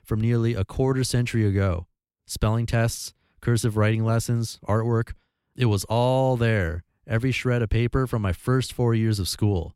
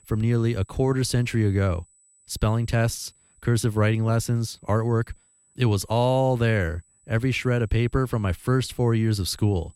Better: first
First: none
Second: high-pitched whine; faint; throughout; 8 kHz, 35 dB below the speech

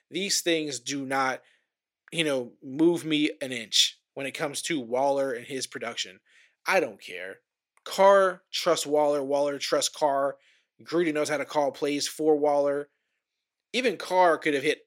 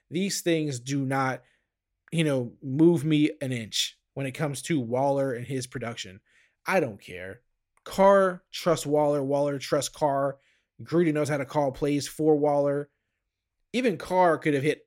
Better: second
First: thin; very slightly; fading below 300 Hz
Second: none

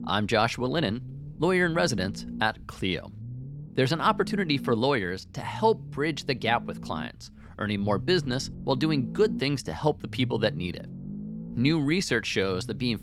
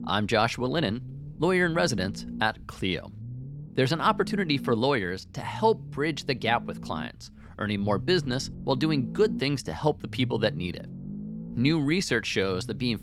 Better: neither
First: low rumble; noticeable; throughout; 20 dB below the speech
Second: low rumble; noticeable; throughout; 20 dB below the speech

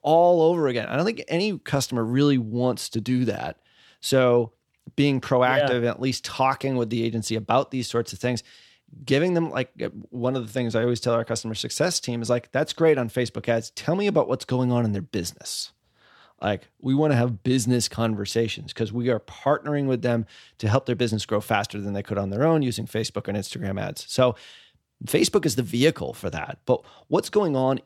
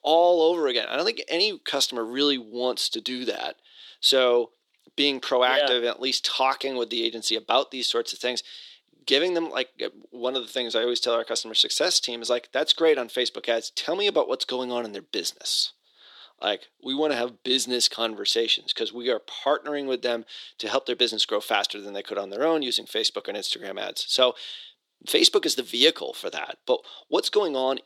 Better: first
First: none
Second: thin; somewhat; fading below 350 Hz

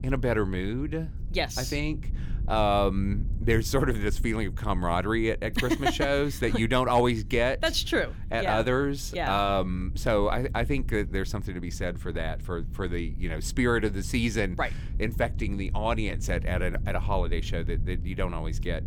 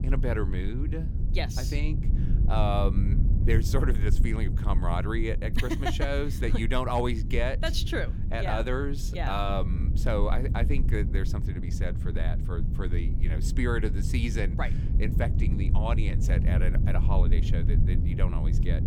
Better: first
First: low rumble; faint; throughout; 20 dB below the speech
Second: low rumble; loud; throughout; 9 dB below the speech

